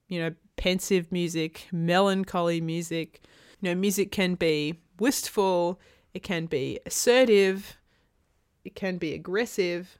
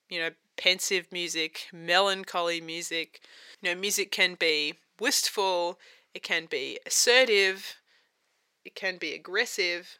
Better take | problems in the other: first | thin; somewhat; fading below 500 Hz

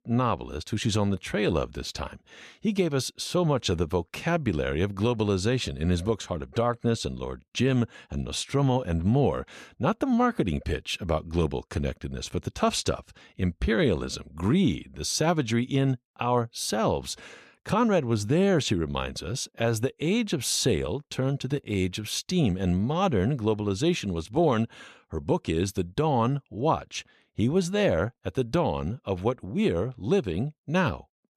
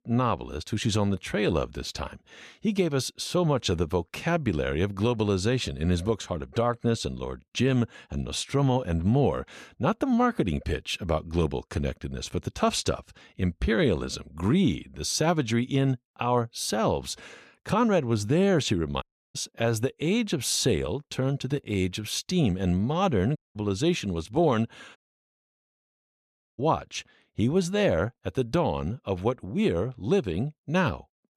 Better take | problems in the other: first | audio cutting out; at 19 s, at 23 s and at 25 s for 1.5 s

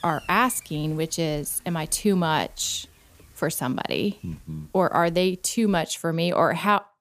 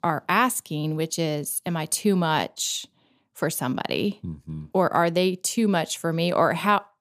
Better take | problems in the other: second | hiss; faint; until 6 s; 25 dB below the speech

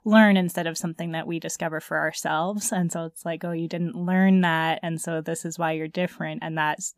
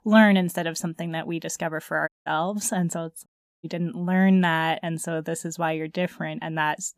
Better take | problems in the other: first | audio cutting out; at 2 s and at 3.5 s

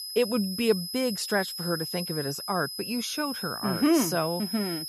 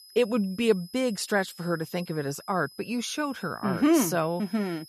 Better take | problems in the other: second | high-pitched whine; loud; throughout; 5 kHz, 6 dB below the speech; faint in the second

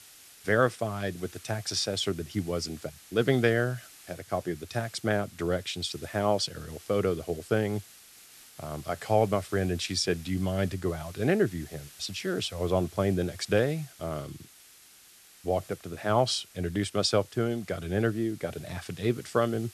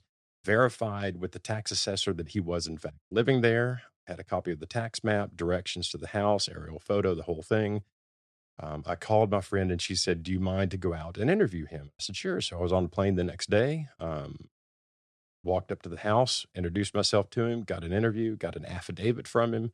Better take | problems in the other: second | hiss; faint; throughout; 20 dB below the speech

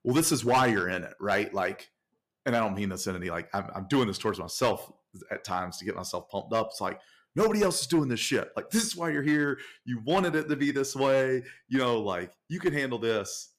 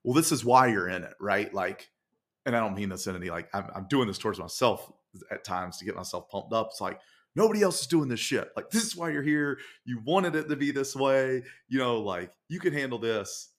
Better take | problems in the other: second | distortion; slight; 3% of the sound clipped

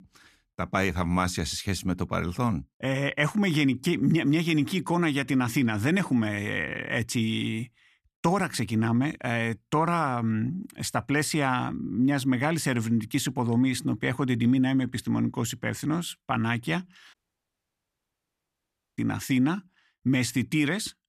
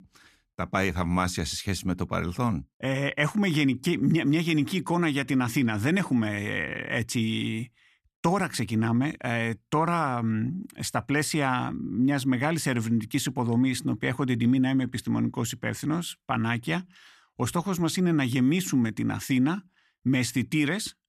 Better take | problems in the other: second | audio cutting out; at 17 s for 2 s

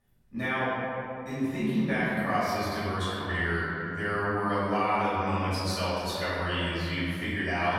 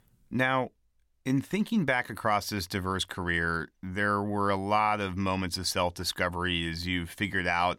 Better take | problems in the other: second | room echo; strong; dies away in 2.5 s // off-mic speech; far

